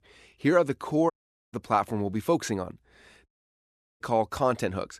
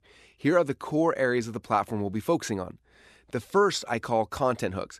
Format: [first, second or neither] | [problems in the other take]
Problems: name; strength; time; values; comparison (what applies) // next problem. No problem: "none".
second | audio cutting out; at 1 s and at 3.5 s for 0.5 s